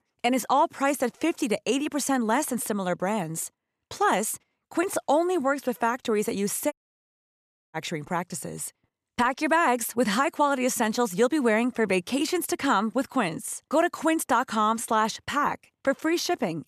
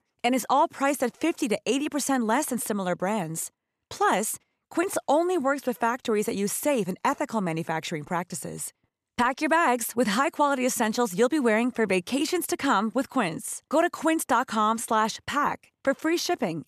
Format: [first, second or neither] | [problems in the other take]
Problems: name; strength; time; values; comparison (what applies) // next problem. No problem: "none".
second | audio cutting out; at 6.5 s for 1 s